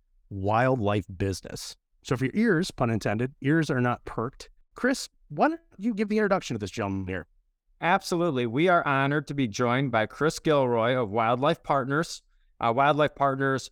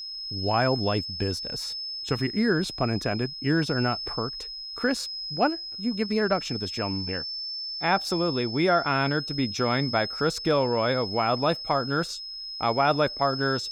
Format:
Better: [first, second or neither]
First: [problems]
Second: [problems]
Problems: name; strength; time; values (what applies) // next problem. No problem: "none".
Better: first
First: none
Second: high-pitched whine; loud; throughout; 5 kHz, 6 dB below the speech